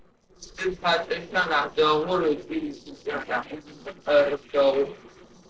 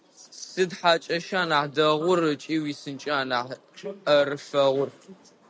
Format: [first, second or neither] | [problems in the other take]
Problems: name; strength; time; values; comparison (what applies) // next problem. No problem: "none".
second | noise reduction (neural separator model SepFormer DNS4)